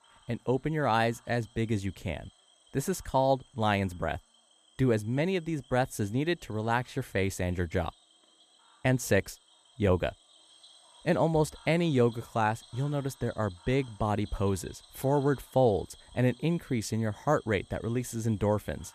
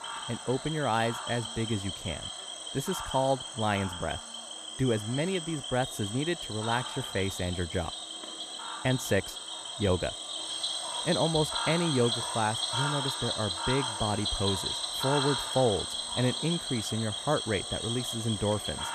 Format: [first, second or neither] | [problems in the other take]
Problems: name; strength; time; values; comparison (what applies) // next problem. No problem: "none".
first | animal sounds; loud; throughout; 2 dB below the speech; faint in the first